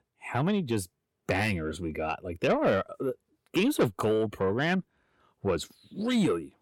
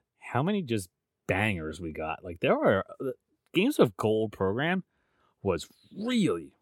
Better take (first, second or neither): second